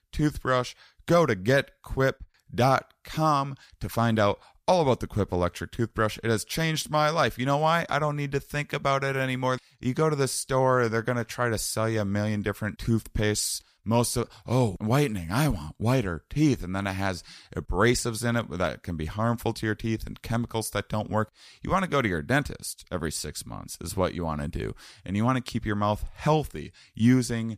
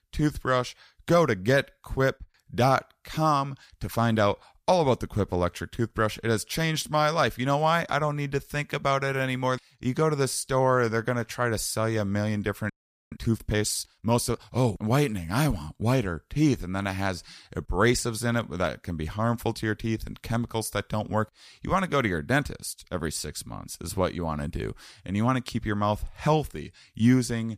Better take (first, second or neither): first